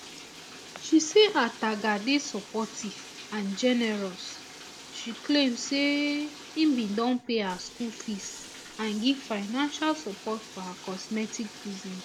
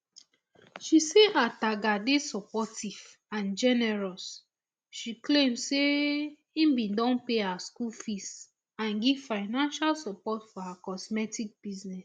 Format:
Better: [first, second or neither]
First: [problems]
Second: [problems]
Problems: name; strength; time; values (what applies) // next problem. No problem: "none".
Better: second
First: background sound (Bathtub (filling or washing)); 16 dB below the speech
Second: none